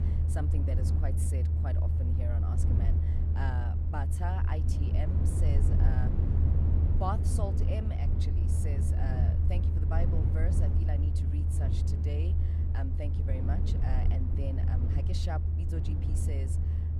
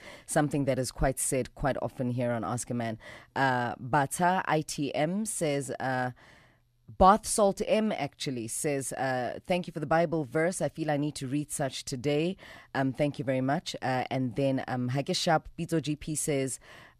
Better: second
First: low rumble; loud; throughout; 1 dB below the speech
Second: none

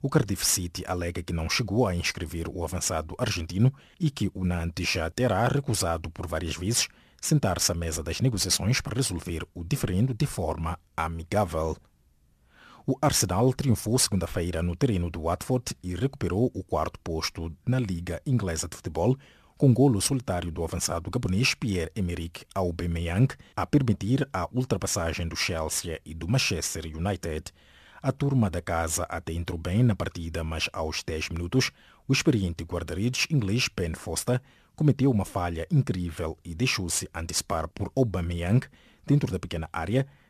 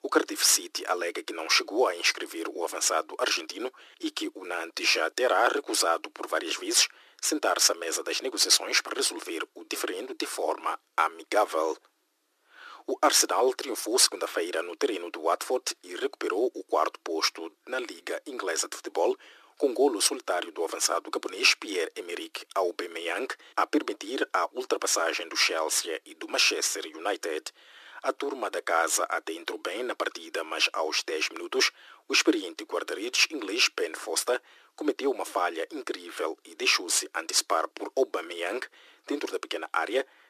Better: first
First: none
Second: thin; very; fading below 300 Hz

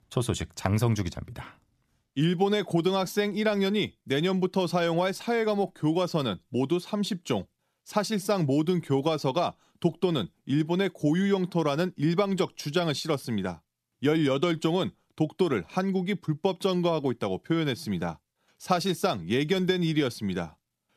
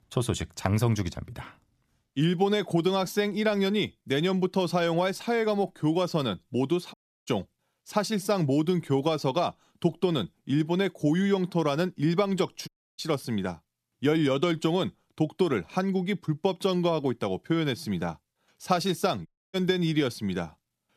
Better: first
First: none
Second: audio cutting out; at 7 s, at 13 s and at 19 s

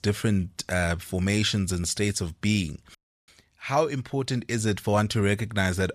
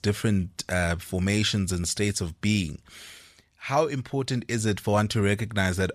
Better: second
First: audio cutting out; at 3 s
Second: none

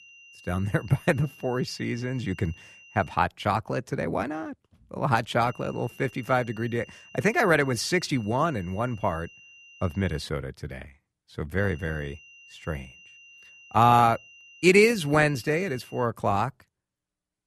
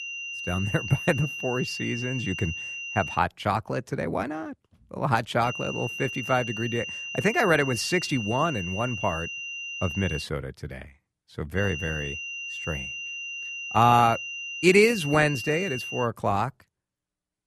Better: first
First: high-pitched whine; faint; until 3 s, from 5.5 to 10 s and from 12 to 16 s; 3 kHz, 25 dB below the speech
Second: high-pitched whine; loud; until 3 s, from 5.5 to 10 s and from 12 to 16 s; 3 kHz, 7 dB below the speech

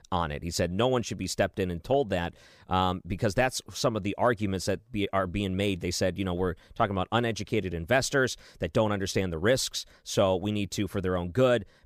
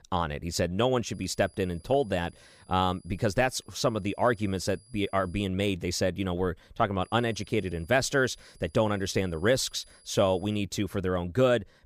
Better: first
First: none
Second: high-pitched whine; faint; from 1 to 5.5 s and from 7 to 11 s; 10 kHz, 30 dB below the speech

